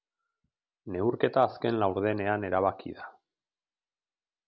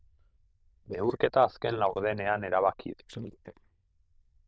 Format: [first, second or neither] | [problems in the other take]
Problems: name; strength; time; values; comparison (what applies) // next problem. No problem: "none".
first | noise reduction (neural diffusion model UNIVERSE++)